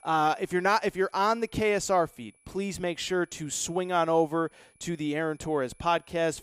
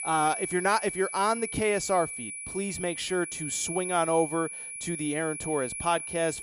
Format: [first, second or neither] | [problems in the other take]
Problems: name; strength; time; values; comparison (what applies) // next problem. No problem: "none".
first | high-pitched whine; loud; throughout; 10.5 kHz, 6 dB below the speech; faint in the first